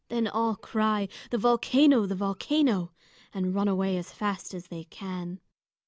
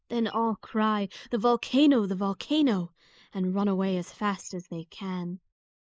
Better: first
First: none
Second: noise reduction (neural mask model Resemble Enhance denoiser)

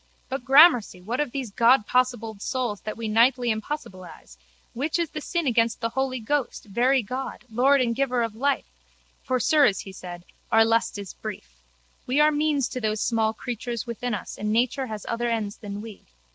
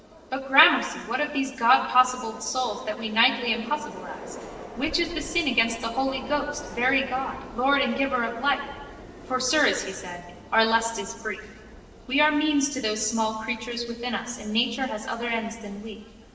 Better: first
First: none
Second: background sound (Subway, metro, underground); 17 dB below the speech // room echo; dies away in 1.1 s

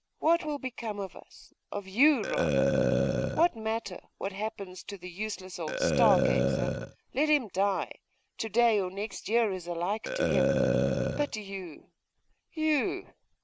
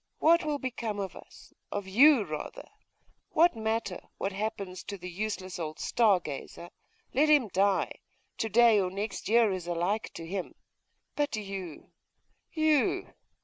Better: second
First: background sound (Burping, eructation); 1 dB above the speech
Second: none

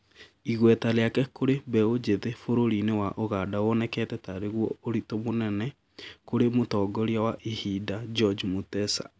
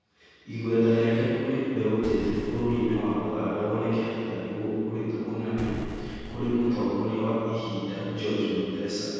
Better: first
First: none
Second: background sound (Boom); 12 dB below the speech // room echo; dies away in 2.2 s

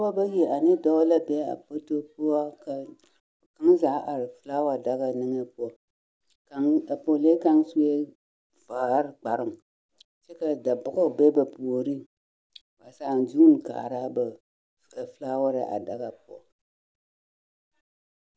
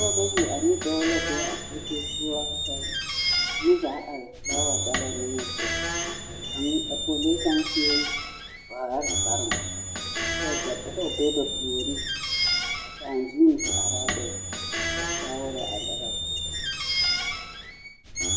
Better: first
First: none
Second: background sound (Squeak); 1 dB above the speech // room echo; dies away in 0.8 s

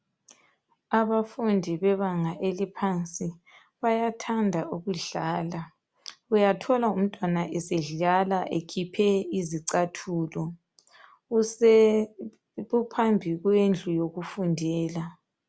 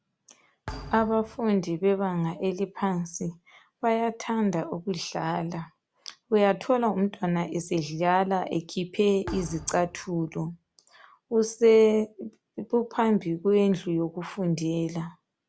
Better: first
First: none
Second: background sound (Thump, thud); 17 dB below the speech

